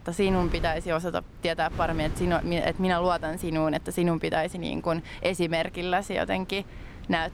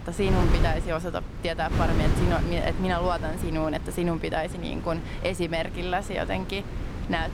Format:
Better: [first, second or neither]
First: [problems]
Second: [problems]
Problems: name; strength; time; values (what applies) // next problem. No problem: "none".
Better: first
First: wind noise on the microphone; occasional gusts; 20 dB below the speech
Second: wind noise on the microphone; heavy; 8 dB below the speech